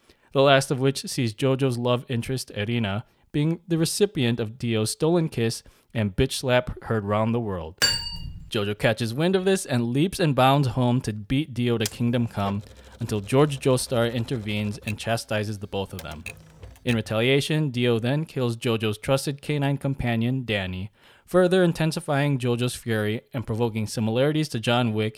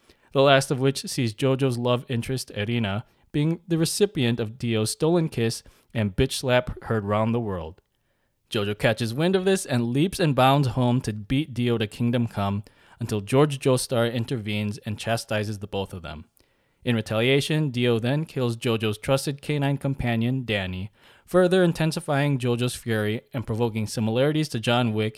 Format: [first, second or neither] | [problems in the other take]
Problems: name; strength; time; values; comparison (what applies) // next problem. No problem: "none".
second | clattering dishes; loud; at 8 s; peak 3 dB above the speech // keyboard typing; noticeable; from 12 to 17 s; peak 10 dB below the speech